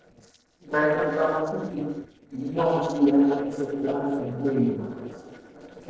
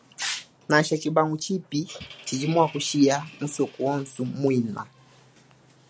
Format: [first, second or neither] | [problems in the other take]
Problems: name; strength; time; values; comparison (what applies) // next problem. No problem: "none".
second | noise reduction (neural separator model SepFormer DNS4)